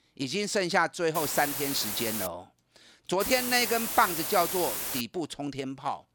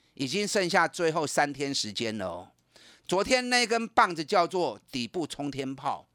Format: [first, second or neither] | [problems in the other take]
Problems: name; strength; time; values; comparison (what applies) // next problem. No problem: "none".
second | hiss; loud; from 1 to 2.5 s and from 3 to 5 s; 3 dB below the speech